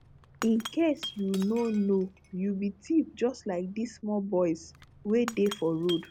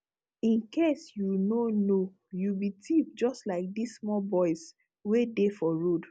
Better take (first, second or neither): second